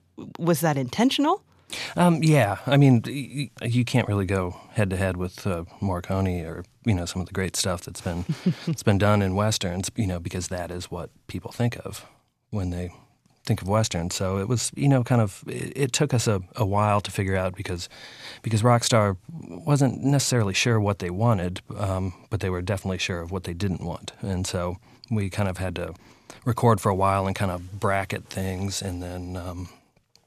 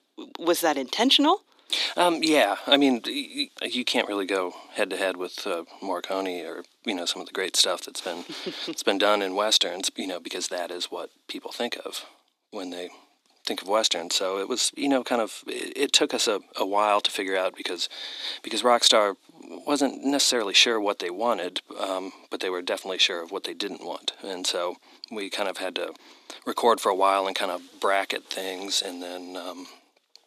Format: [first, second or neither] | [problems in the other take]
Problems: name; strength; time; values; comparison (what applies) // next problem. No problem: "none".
first | thin; somewhat; fading below 300 Hz